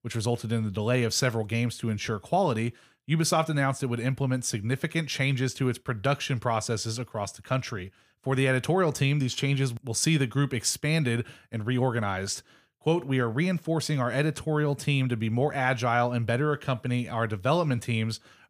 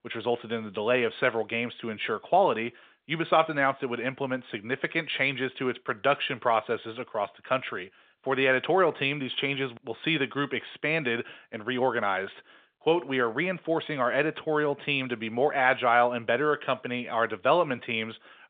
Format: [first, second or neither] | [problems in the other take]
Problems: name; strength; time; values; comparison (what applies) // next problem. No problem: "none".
first | phone-call audio